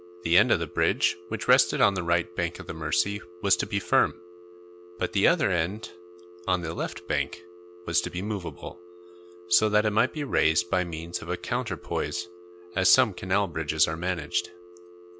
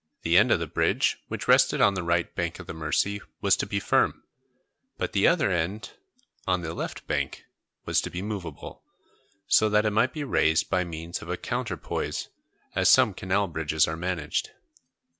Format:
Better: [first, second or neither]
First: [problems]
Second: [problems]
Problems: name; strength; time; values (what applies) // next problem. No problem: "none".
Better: second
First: background sound (Telephone); 19 dB below the speech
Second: none